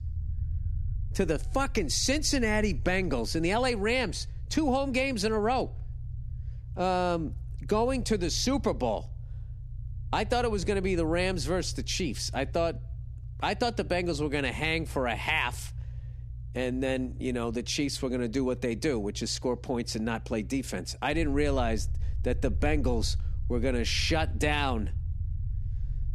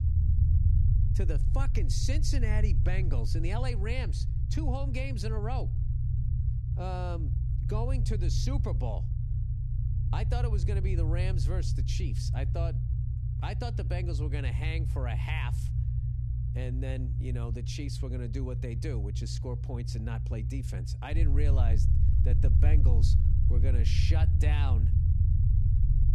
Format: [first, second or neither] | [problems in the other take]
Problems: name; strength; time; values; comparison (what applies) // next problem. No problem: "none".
first | low rumble; loud; throughout; 4 dB below the speech; faint in the first